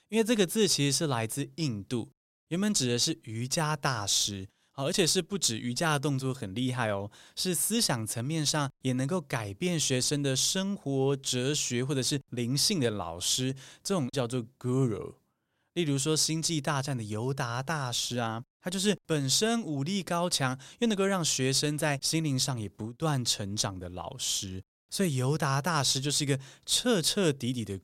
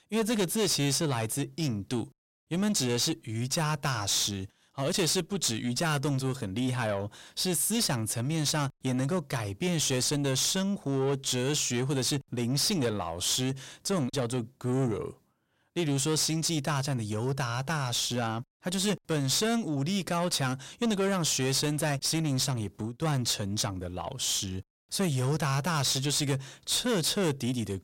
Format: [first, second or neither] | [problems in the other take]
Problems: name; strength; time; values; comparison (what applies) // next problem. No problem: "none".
first | distortion; slight; 10 dB below the speech